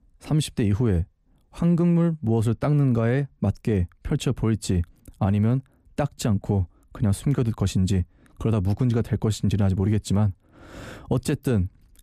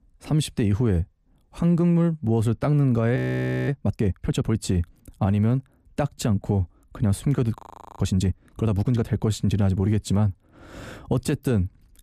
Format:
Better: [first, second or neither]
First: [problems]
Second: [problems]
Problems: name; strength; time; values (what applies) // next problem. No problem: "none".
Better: first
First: none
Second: audio freezing; at 3 s for 0.5 s and at 7.5 s